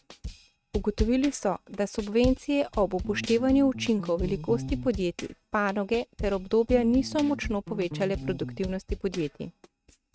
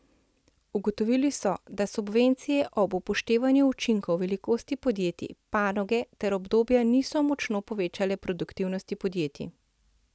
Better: second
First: noise reduction (neural mask model RNNoise)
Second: none

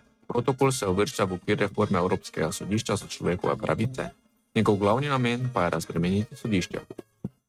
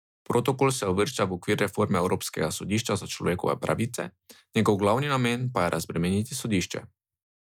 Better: second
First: noise reduction (neural mask model RNNoise)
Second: none

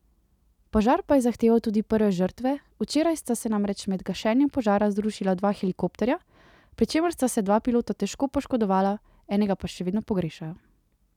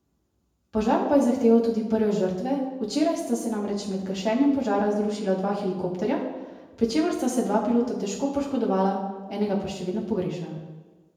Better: first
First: none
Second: room echo; dies away in 0.9 s

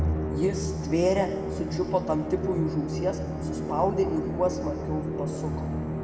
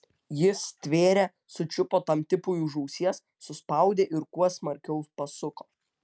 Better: second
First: background sound (Musical instrument); 2 dB below the speech // room echo; dies away in 1.9 s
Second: none

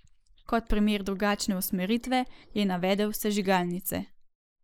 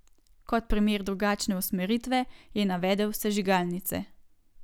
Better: second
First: noise reduction (neural mask model Resemble Enhance denoiser)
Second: none

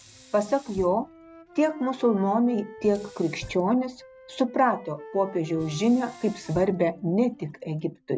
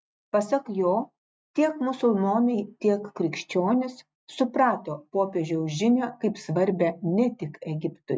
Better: second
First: background sound (Wind instrument, woodwind instrument + Sink (filling or washing)); 20 dB below the speech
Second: none

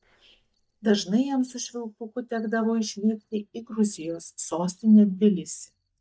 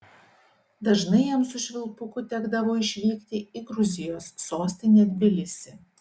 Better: second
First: noise reduction (neural mask model DeepFilterNet 3)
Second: none

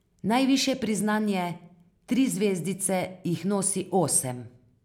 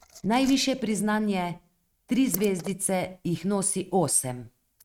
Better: first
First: none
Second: noise reduction (neural mask model RNNoise)

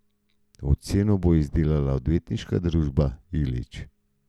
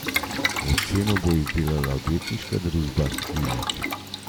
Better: first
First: none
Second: background sound (Boiling); 4 dB below the speech

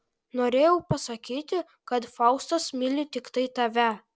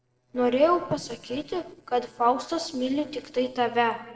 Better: first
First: none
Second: noise reduction (neural separator model SepFormer DNS4)

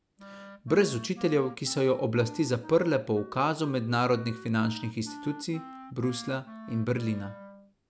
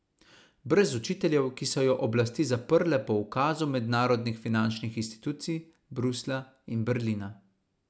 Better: second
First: background sound (Wind instrument, woodwind instrument); 17 dB below the speech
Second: none

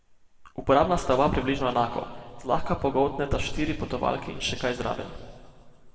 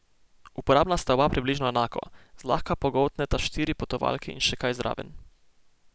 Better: second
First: room echo; dies away in 1.9 s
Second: none

